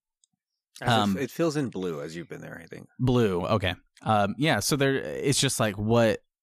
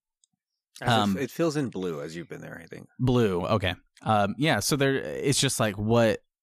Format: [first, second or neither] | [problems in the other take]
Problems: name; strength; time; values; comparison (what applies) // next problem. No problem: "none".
neither | none